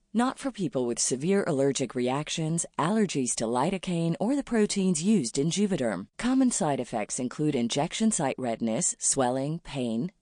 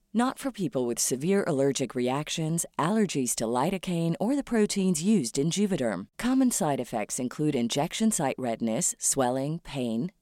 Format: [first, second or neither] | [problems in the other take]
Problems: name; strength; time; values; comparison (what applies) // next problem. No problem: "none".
second | garbled, watery; slightly; nothing above 9 kHz